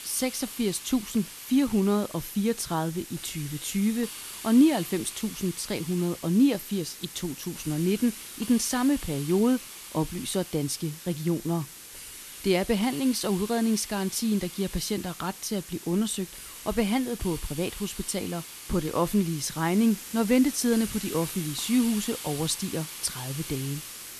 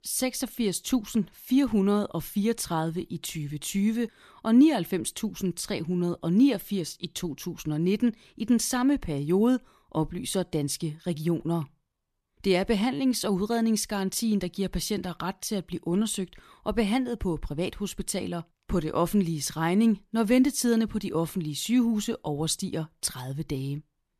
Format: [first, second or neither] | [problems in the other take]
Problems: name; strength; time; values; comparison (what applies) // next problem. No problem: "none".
second | hiss; noticeable; throughout; 10 dB below the speech